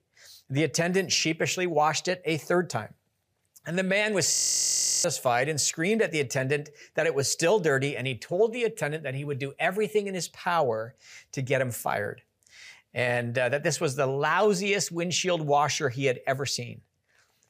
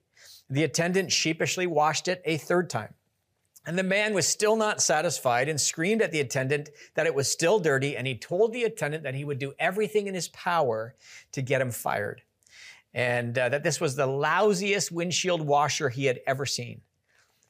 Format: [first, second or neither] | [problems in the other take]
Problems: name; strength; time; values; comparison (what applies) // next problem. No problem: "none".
second | audio freezing; at 4.5 s for 0.5 s